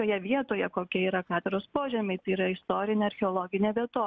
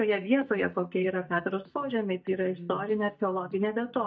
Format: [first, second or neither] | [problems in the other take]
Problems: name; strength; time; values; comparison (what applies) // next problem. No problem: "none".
first | noise reduction (neural mask model DeepFilterNet 3)